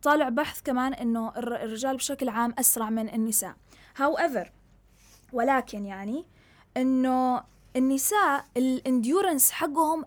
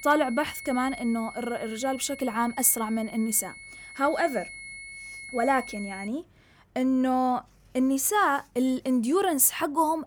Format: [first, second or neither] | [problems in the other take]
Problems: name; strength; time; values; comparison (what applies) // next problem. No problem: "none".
first | high-pitched whine; noticeable; until 6 s; 2 kHz, 15 dB below the speech